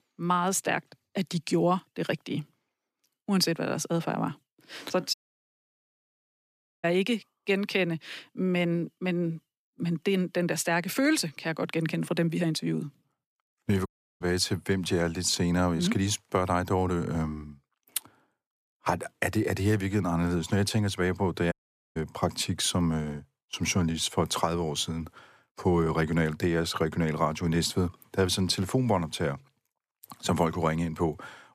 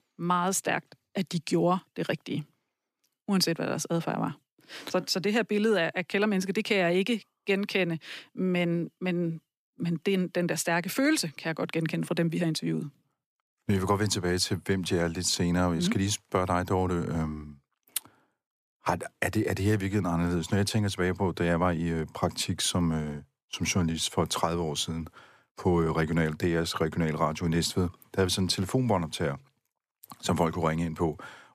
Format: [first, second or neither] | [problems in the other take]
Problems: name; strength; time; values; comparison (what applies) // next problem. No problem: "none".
second | audio cutting out; at 5 s for 1.5 s, at 14 s and at 22 s